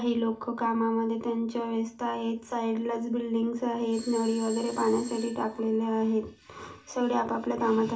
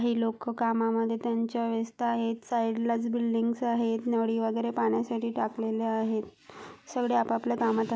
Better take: second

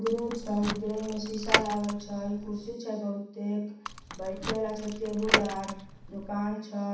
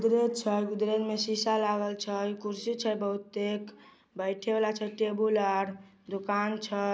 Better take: second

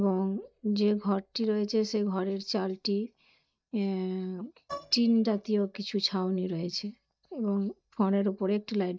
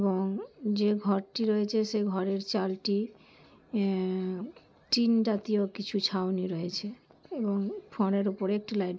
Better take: second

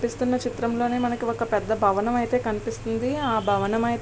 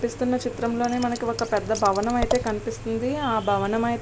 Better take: first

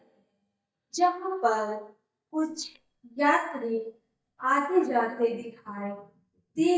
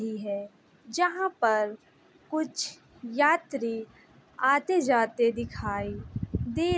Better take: second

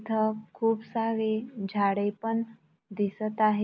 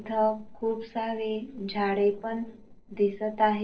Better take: first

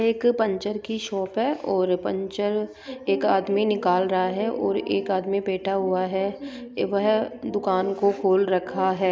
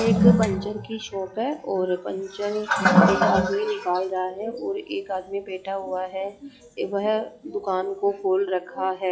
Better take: first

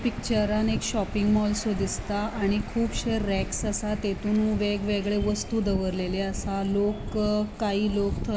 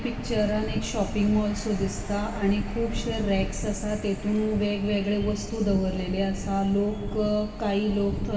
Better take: first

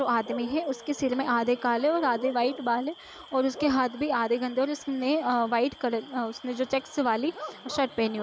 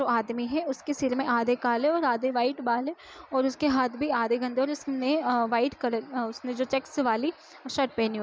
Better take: second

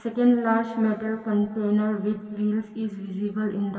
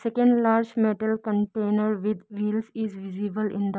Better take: second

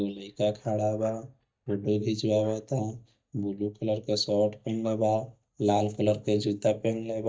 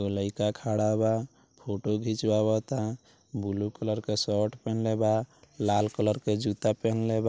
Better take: second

